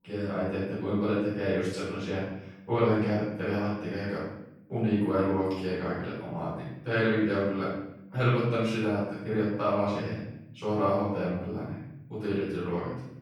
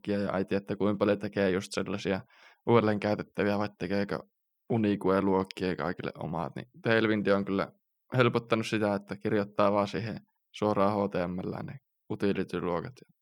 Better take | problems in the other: second | off-mic speech; far // room echo; strong; dies away in 0.8 s

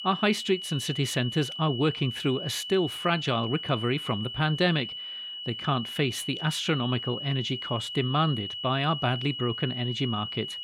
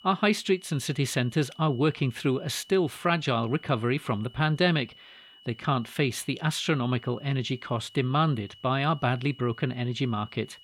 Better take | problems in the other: second | high-pitched whine; loud; throughout; 3 kHz, 6 dB below the speech; faint in the second

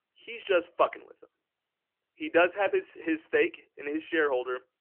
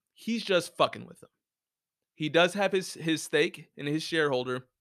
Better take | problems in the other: second | phone-call audio; nothing above 3 kHz

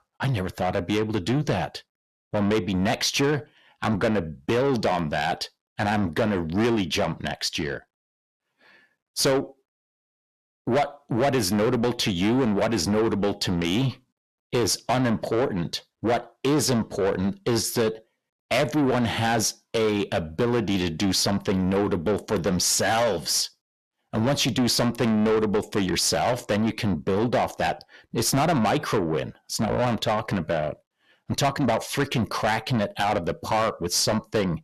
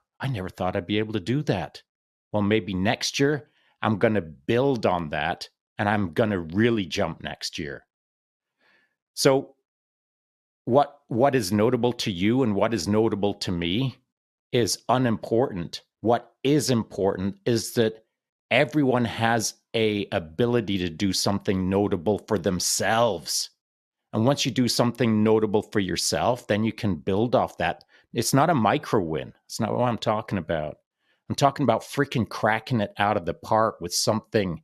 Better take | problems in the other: second | distortion; heavy; 7 dB below the speech

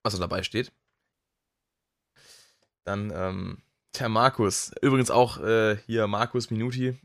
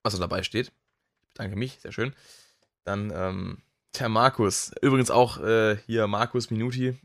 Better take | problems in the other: second | audio cutting out; at 1 s for 1 s

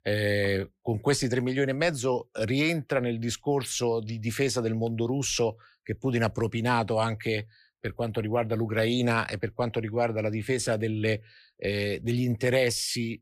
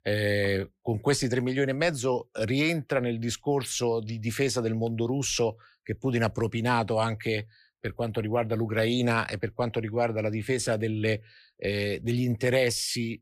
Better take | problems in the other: neither | none

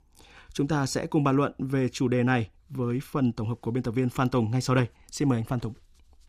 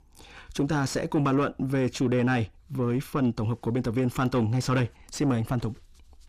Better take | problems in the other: first | distortion; slight; 10 dB below the speech

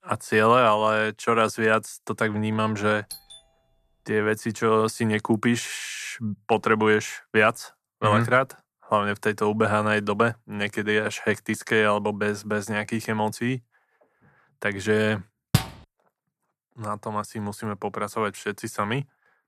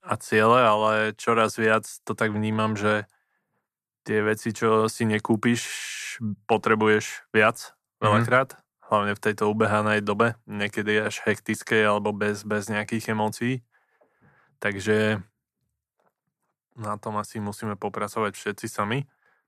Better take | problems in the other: second | doorbell; faint; at 3 s; peak 15 dB below the speech // door banging; noticeable; at 16 s; peak 1 dB below the speech

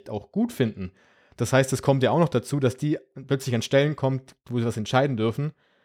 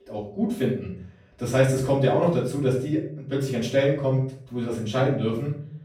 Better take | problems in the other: first | off-mic speech; far // room echo; noticeable; dies away in 0.5 s

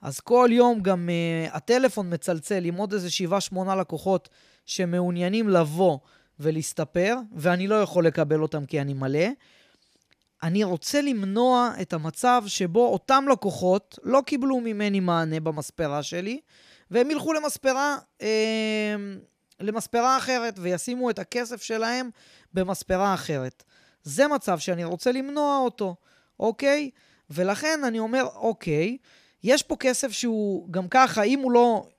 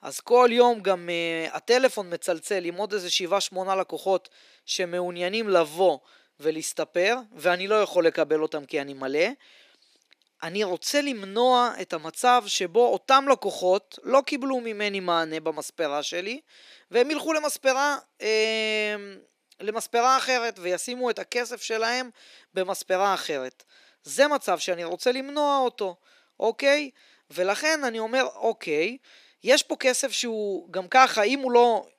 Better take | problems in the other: first | thin; somewhat; fading below 300 Hz

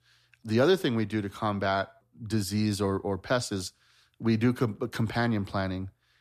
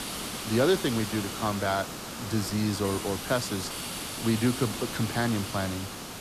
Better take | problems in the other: first | hiss; loud; throughout; 6 dB below the speech

